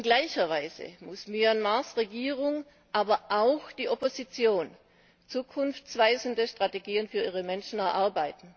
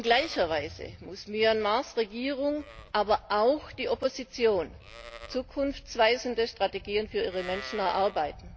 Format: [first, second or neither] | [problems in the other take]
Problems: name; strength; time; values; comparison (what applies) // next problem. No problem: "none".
first | background sound (Livestock, farm animals, working animals); 18 dB below the speech